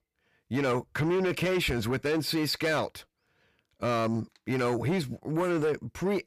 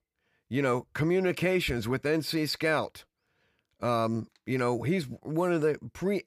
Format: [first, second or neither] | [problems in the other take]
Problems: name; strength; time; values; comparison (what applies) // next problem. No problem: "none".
second | distortion; slight; 10 dB below the speech